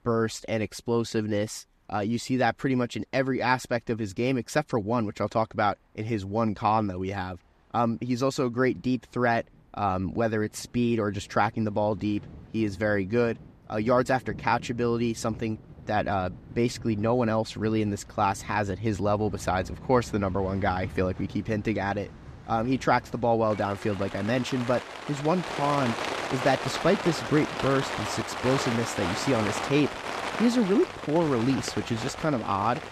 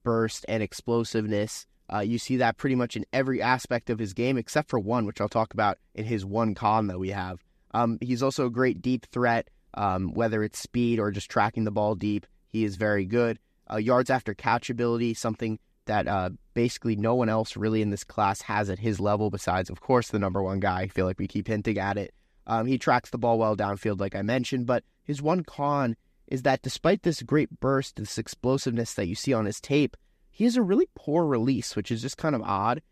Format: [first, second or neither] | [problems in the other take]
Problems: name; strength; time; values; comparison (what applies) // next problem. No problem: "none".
second | rain or running water; loud; throughout; 9 dB below the speech